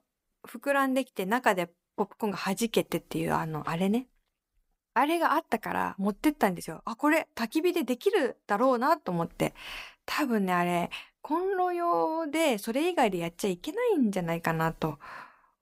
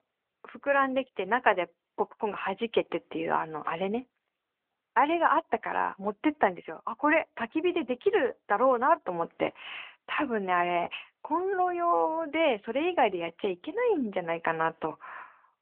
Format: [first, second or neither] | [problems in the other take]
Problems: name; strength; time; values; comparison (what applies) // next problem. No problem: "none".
first | phone-call audio